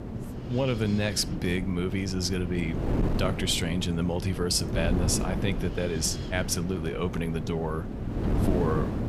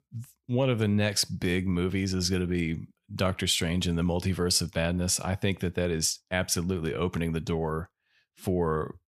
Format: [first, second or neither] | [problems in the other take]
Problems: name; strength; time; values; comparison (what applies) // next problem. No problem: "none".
second | wind noise on the microphone; heavy; 7 dB below the speech